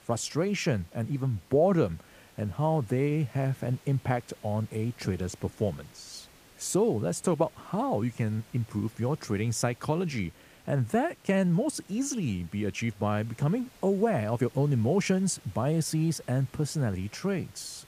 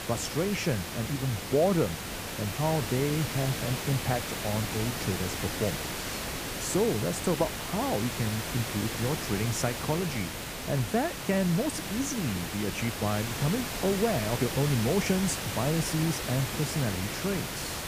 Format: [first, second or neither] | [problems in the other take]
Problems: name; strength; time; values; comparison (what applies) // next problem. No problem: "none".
first | hiss; loud; throughout; 3 dB below the speech; faint in the first